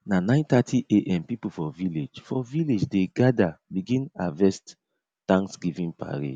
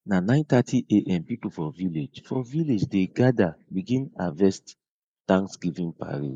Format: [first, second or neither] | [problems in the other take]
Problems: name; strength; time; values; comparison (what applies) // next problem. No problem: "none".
first | noise reduction (neural mask model Resemble Enhance denoiser)